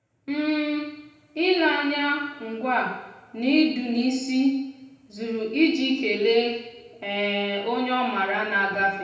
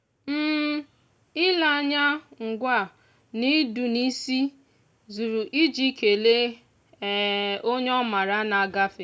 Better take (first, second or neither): second